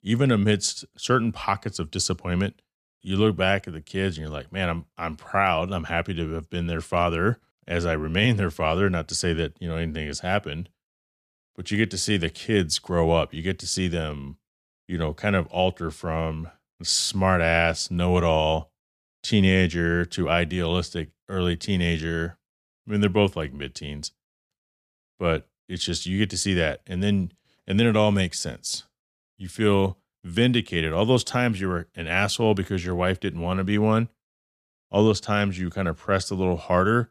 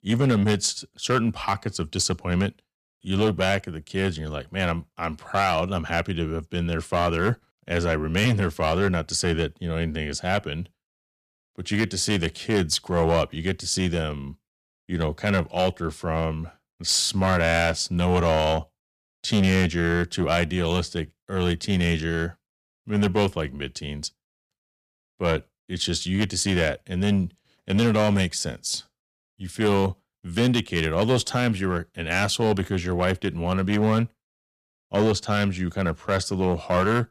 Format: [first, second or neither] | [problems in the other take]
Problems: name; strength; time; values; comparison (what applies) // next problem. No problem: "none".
first | distortion; slight; 4% of the sound clipped